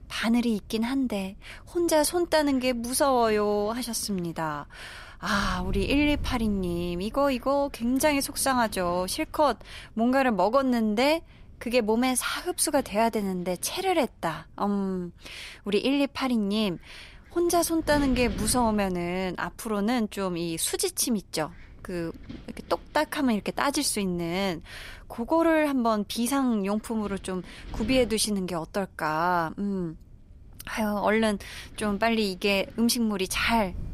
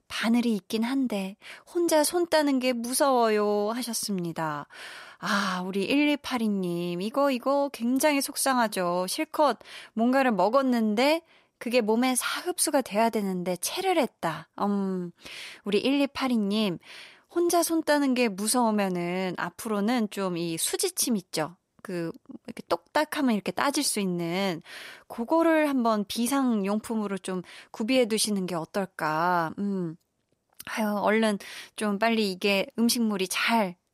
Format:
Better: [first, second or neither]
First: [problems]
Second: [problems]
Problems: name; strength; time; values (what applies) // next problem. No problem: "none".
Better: second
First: wind noise on the microphone; occasional gusts; 25 dB below the speech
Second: none